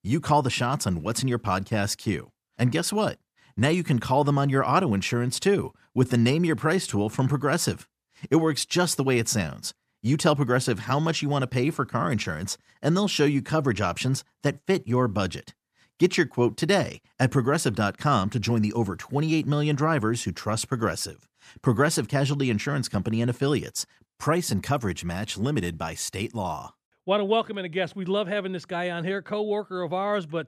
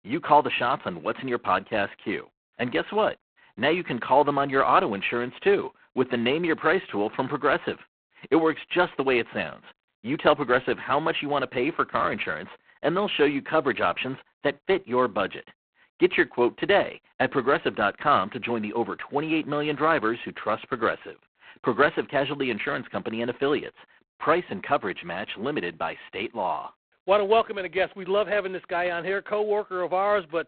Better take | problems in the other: first | phone-call audio; poor line

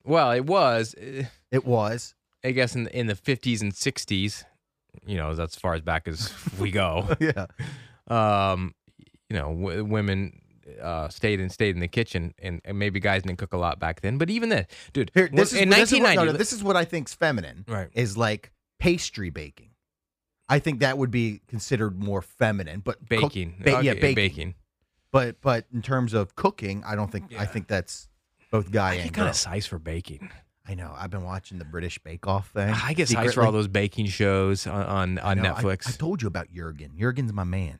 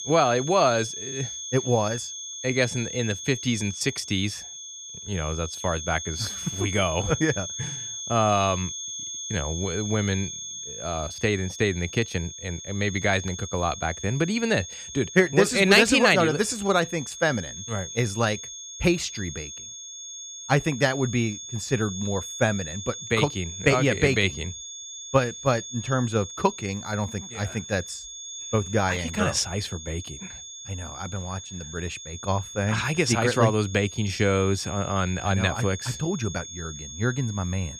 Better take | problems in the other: first | high-pitched whine; loud; throughout; 6.5 kHz, 9 dB below the speech

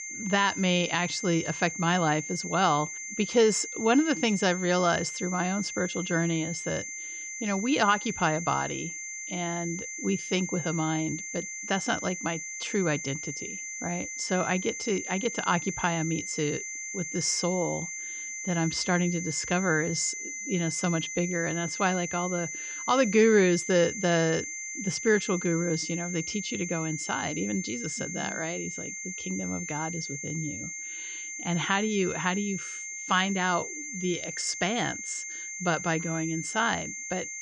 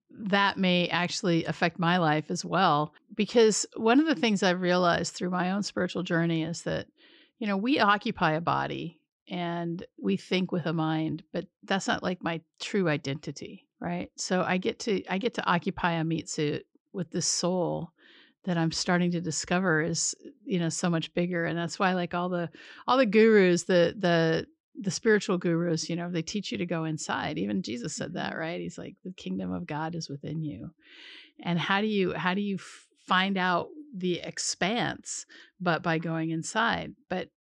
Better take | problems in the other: second | high-pitched whine; loud; throughout; 2 kHz, 6 dB below the speech

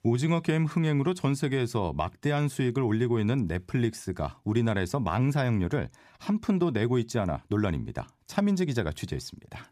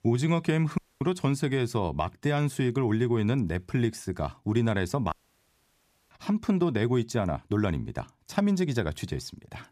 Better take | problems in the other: first | audio cutting out; at 1 s and at 5 s for 1 s

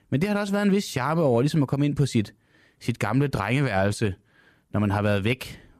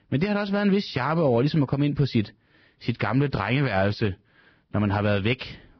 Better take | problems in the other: first | garbled, watery; badly; nothing above 5 kHz

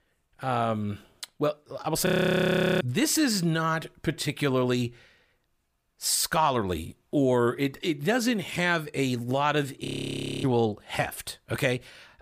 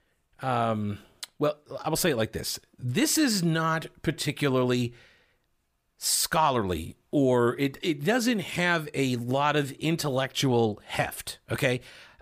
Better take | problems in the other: second | audio freezing; at 2 s for 0.5 s and at 10 s for 0.5 s

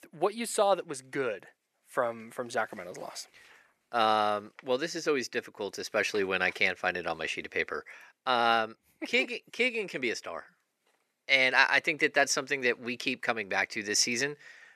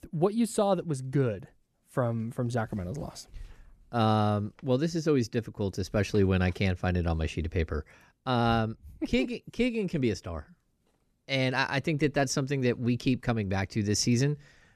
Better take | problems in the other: second | thin; very; fading below 550 Hz

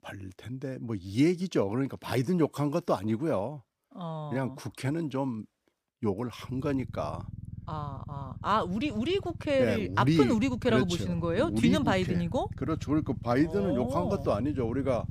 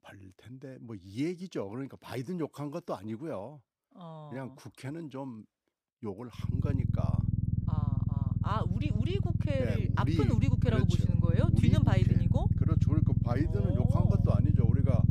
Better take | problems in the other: first | low rumble; loud; from 6.5 s on; 1 dB below the speech; faint in the first

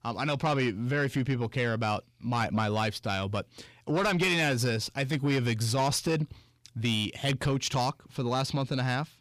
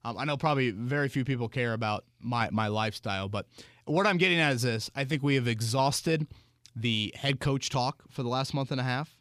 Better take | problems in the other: second | distortion; slight; 10 dB below the speech

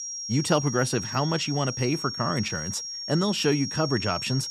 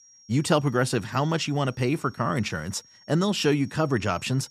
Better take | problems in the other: second | high-pitched whine; loud; throughout; 5.5 kHz, 5 dB below the speech; faint in the second

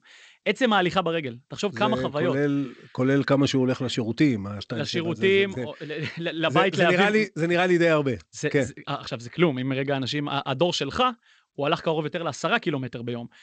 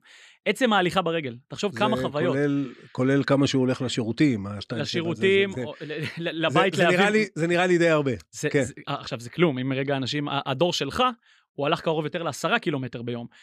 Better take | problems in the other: second | garbled, watery; slightly; nothing above 7.5 kHz

